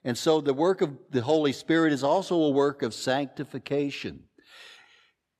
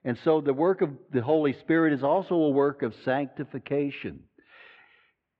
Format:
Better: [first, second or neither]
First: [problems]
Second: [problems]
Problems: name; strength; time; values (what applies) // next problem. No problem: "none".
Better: first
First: none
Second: muffled; very; fading above 2.5 kHz